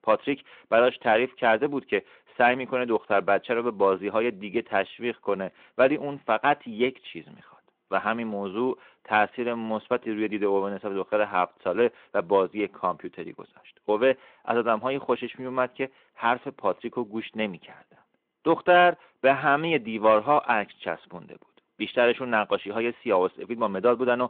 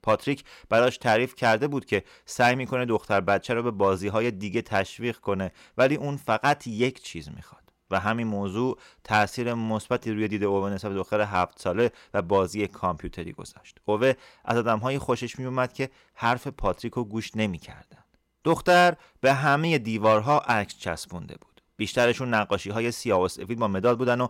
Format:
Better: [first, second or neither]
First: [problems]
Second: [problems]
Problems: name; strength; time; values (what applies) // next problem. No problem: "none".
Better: second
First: phone-call audio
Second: none